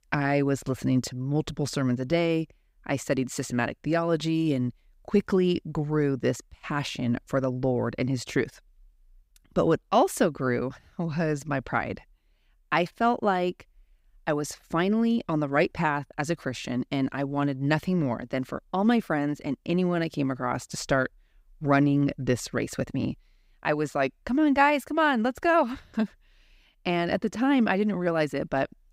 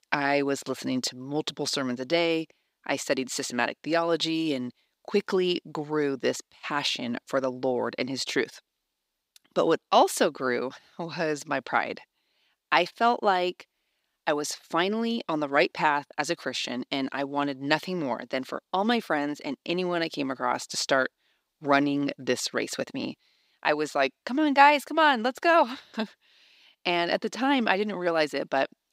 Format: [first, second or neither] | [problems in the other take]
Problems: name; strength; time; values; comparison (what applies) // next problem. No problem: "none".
first | thin; very slightly; fading below 300 Hz